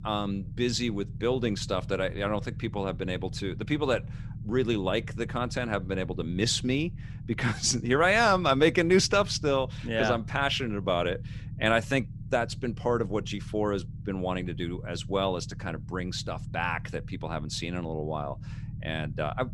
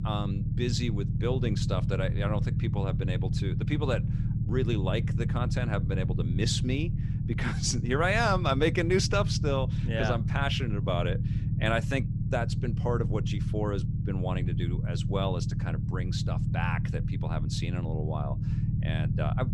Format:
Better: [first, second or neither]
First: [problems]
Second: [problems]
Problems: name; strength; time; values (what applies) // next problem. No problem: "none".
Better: first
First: low rumble; faint; throughout; 25 dB below the speech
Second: low rumble; loud; throughout; 9 dB below the speech